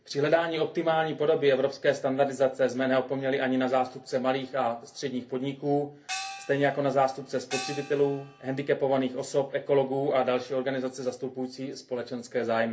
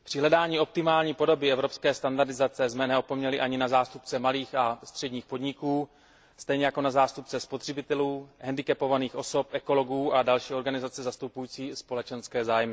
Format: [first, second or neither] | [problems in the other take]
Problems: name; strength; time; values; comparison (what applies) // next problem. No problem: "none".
second | background sound (Gong); 12 dB below the speech // room echo; dies away in 0.3 s